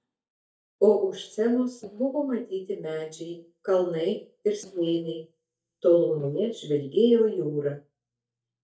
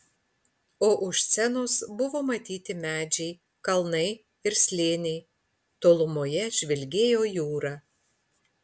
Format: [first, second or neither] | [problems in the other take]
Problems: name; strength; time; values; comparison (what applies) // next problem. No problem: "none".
second | noise reduction (neural mask model DeepFilterNet 3)